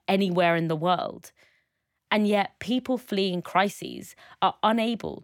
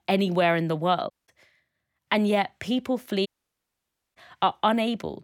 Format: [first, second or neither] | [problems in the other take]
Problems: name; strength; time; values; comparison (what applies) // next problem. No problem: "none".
first | audio cutting out; at 1 s and at 3.5 s for 1 s